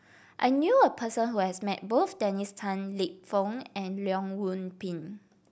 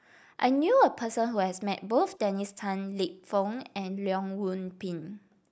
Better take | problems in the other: first | noise reduction (neural mask model Resemble Enhance denoiser)

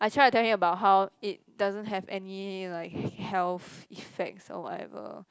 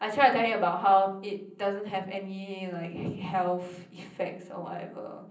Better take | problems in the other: first | room echo; dies away in 0.6 s

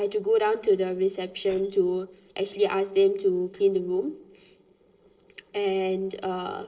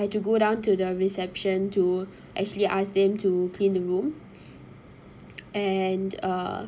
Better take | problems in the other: second | noise reduction (neural separator model SepFormer DNS4)

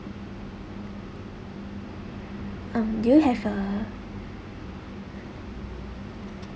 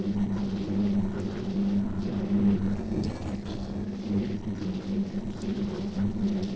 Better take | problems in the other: first | noise reduction (neural separator model SepFormer DNS4)

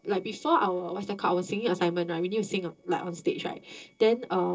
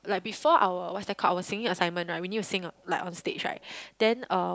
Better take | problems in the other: second | noise reduction (neural separator model SepFormer DNS4)

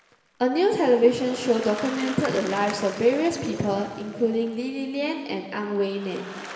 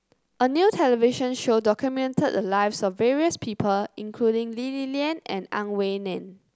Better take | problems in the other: second | background sound (Applause); 16 dB below the speech // room echo; dies away in 2.5 s

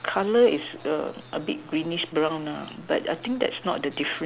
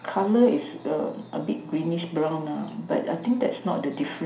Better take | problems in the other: first | room echo; dies away in 0.5 s

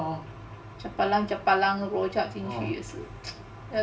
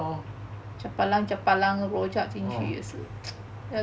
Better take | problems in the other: second | room echo; dies away in 0.4 s

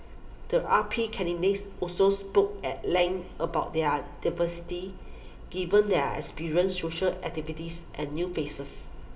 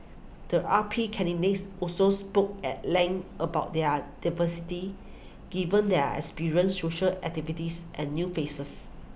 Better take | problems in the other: second | room echo; dies away in 0.5 s

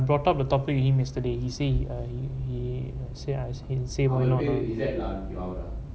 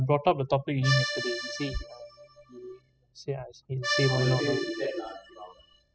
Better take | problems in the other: first | noise reduction (classical method spectral subtraction)

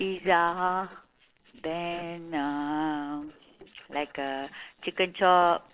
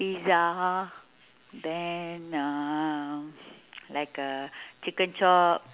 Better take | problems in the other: second | noise reduction (neural separator model SepFormer DNS4)

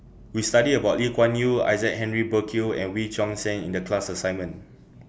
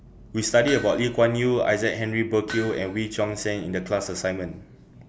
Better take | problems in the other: first | background sound (Hammer); 16 dB below the speech

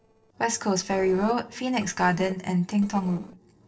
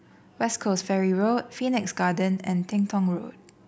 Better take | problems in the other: second | noise reduction (neural separator model SepFormer DNS4)

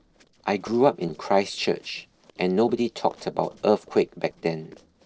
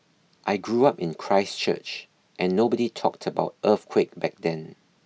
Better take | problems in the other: second | noise reduction (neural separator model SepFormer DNS4)

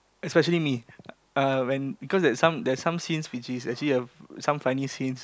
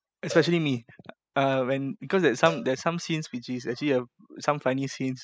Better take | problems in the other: first | noise reduction (classical method spectral subtraction)

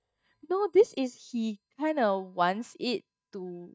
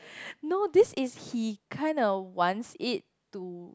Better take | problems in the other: second | noise reduction (neural mask model DeepFilterNet 3)

